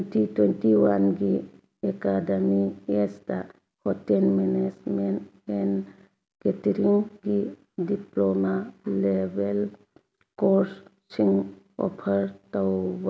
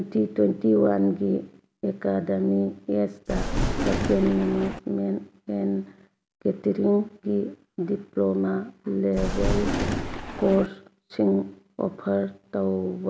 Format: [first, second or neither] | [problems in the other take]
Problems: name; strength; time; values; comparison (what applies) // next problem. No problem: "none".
first | background sound (Thunder); 1 dB below the speech